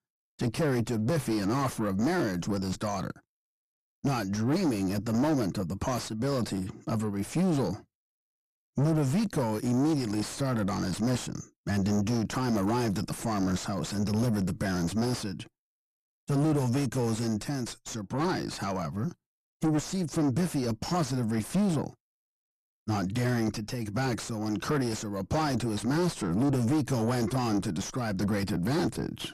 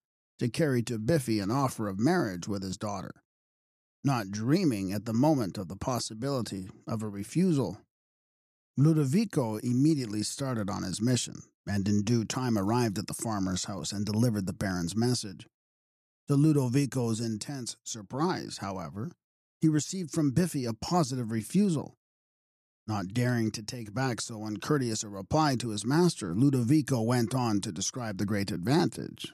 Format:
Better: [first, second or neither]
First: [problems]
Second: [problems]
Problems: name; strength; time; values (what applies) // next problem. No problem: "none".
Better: second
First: distortion; heavy; 5 dB below the speech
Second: none